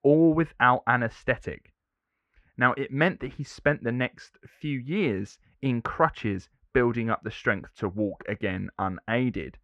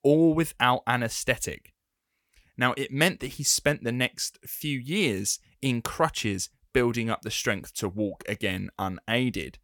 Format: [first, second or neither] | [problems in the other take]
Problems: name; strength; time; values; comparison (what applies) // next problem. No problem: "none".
second | muffled; very; fading above 1.5 kHz